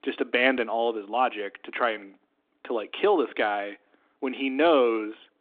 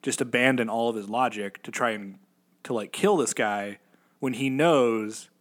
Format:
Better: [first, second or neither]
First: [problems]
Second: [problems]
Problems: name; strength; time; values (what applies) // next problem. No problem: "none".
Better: second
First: phone-call audio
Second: none